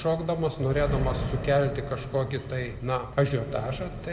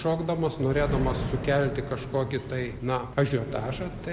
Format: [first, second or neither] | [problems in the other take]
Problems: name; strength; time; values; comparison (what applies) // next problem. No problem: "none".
second | room echo; dies away in 1.9 s